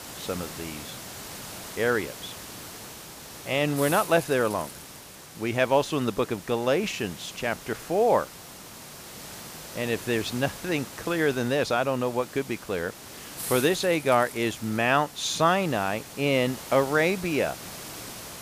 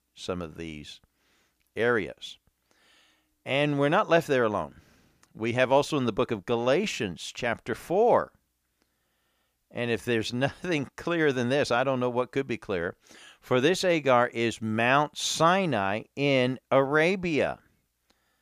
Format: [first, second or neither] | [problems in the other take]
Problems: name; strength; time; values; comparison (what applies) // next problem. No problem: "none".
second | hiss; noticeable; throughout; 15 dB below the speech